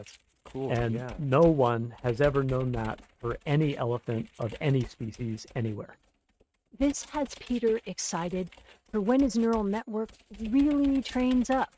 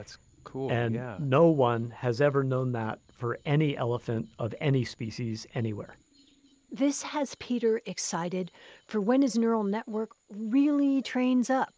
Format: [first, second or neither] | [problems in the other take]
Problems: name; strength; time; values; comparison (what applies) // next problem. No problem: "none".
second | noise reduction (neural mask model RNNoise)